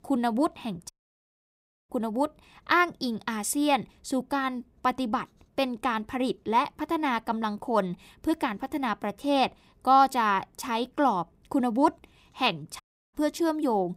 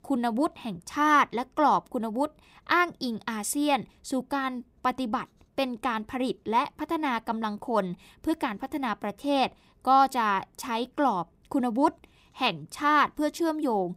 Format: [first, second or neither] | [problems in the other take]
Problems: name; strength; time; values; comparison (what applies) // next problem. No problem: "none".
second | audio cutting out; at 1 s for 1 s and at 13 s